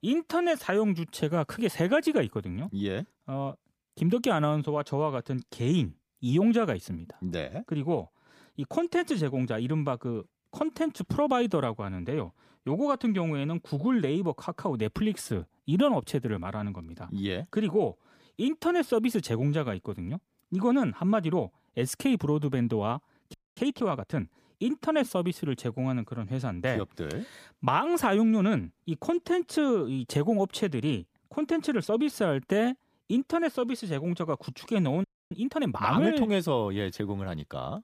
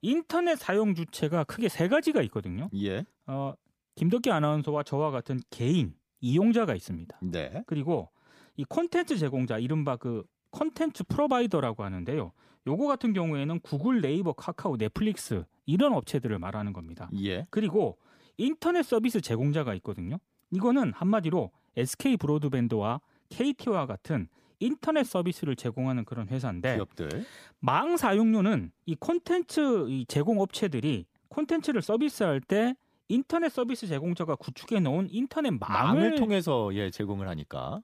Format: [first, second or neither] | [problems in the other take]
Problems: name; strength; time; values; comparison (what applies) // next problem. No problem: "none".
second | audio freezing; at 23 s and at 35 s